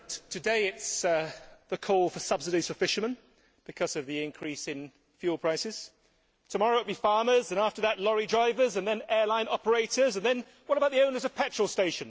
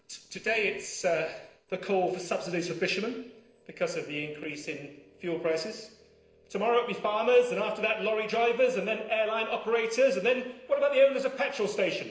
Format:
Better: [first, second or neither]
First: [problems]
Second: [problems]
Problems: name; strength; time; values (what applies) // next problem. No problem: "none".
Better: first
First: none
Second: noise reduction (neural separator model SepFormer DNS4)